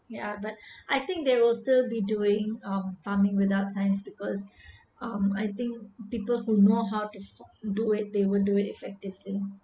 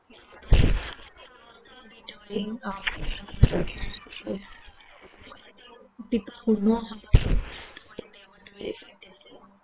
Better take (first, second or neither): first